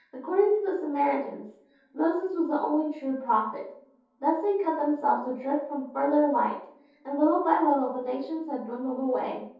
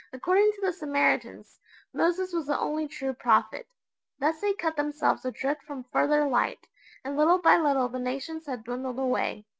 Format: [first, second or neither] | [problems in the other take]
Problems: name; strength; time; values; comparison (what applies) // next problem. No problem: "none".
second | room echo; dies away in 0.6 s